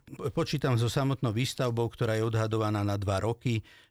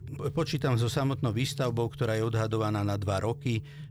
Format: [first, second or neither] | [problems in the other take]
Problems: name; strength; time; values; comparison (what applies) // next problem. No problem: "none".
first | low rumble; faint; throughout; 20 dB below the speech